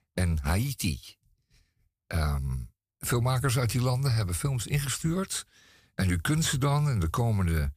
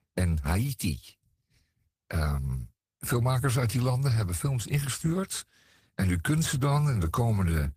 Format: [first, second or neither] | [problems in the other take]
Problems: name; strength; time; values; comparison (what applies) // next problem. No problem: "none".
first | garbled, watery; slightly; nothing above 15 kHz